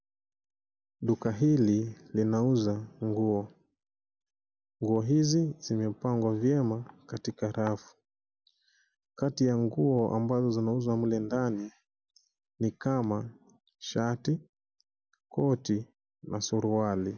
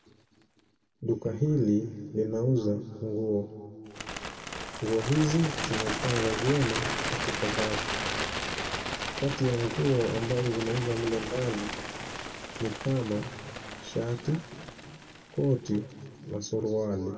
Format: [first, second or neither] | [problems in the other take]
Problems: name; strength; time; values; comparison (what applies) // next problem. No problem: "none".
first | background sound (Bird); 6 dB below the speech // room echo; dies away in 2.5 s